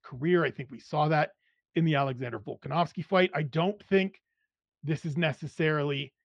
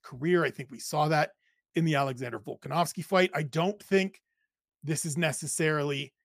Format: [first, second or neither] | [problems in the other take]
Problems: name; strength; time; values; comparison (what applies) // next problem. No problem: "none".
second | muffled; slightly; fading above 3.5 kHz